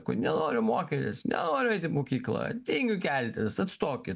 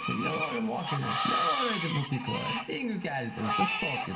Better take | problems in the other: first | background sound (Screech); as loud as the speech // room echo; dies away in 0.6 s

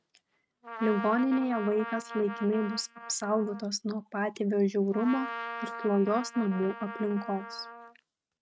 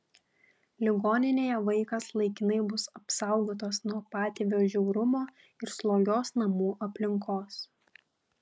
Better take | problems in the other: second | noise reduction (neural mask model RNNoise)

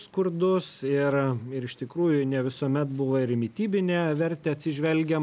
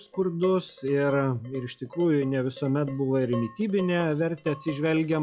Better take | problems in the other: first | noise reduction (classical method log-MMSE)

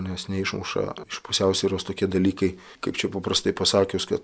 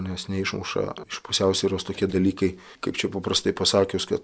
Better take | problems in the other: first | noise reduction (neural separator model SepFormer DNS4)

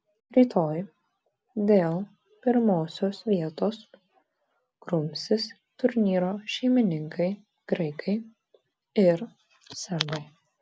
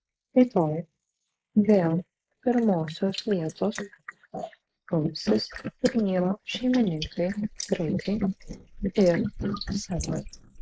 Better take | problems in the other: first | noise reduction (neural mask model Resemble Enhance denoiser)

